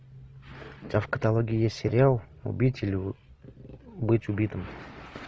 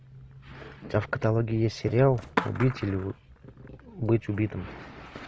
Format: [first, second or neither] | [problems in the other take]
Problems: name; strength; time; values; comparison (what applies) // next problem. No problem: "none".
first | background sound (Skateboard); 12 dB below the speech